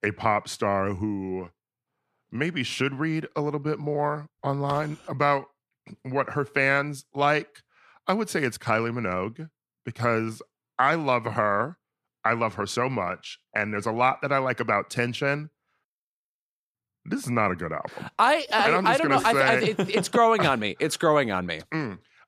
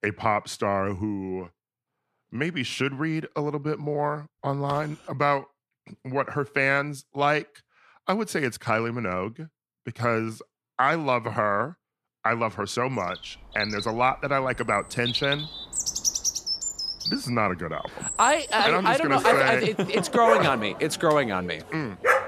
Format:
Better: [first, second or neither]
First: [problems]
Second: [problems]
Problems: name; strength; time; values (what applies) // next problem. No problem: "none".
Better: first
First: none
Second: animal sounds; loud; from 13 s on; 3 dB below the speech